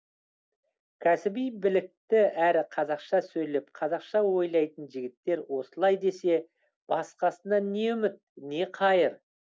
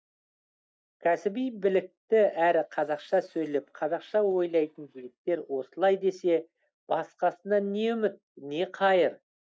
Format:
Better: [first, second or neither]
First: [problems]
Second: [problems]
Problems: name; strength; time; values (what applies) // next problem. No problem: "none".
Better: first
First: none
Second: noise reduction (neural mask model DeepFilterNet 3)